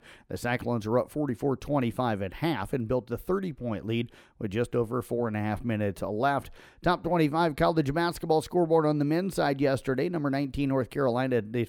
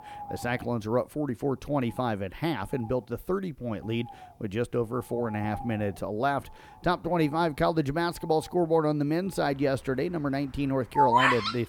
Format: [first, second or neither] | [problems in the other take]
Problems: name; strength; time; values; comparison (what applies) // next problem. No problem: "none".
first | animal sounds; very loud; throughout; 1 dB above the speech